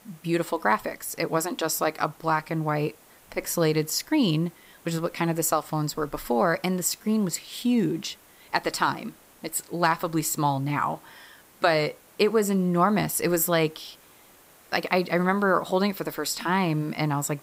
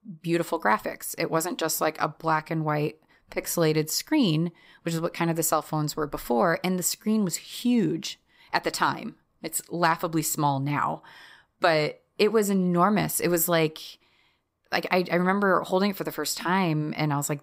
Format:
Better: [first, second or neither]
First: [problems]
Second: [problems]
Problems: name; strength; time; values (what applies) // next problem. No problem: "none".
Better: second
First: hiss; faint; throughout; 25 dB below the speech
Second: none